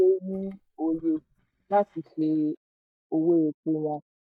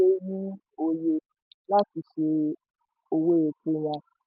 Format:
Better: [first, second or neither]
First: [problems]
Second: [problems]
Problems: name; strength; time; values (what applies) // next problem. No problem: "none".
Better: second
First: noise reduction (neural mask model DeepFilterNet 3)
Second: none